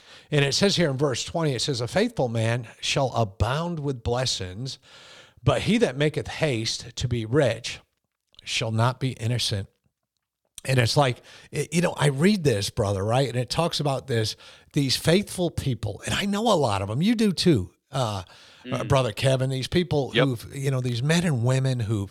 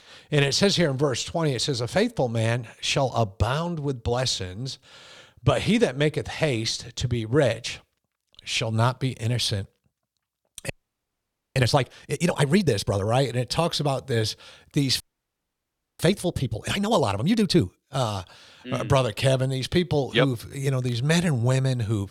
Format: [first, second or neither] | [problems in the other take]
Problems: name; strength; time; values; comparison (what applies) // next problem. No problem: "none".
first | audio freezing; at 11 s for 1 s and at 15 s for 1 s